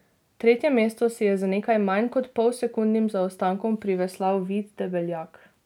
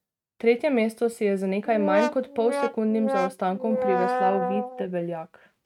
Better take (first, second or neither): first